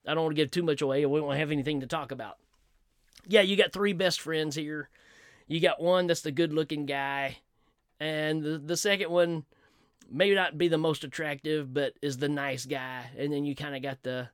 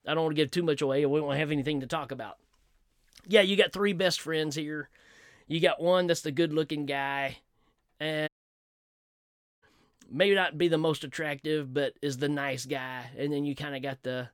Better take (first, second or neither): first